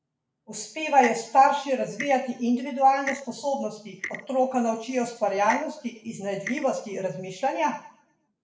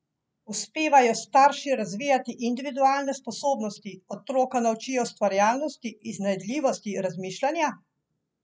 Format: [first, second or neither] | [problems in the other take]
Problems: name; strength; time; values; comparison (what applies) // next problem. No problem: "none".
second | background sound (Clock); 14 dB below the speech // room echo; dies away in 0.5 s